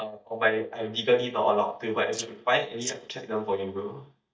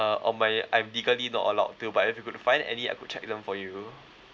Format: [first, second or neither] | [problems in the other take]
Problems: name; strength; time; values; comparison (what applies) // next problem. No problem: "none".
second | noise reduction (neural mask model DeepFilterNet 3)